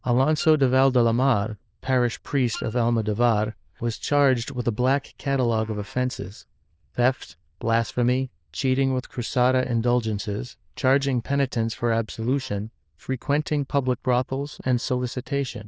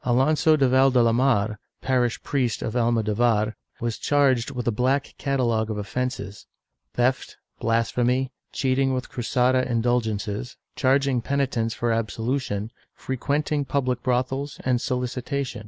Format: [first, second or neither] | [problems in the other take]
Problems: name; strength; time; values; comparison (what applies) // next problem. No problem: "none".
second | noise reduction (neural diffusion model UNIVERSE++)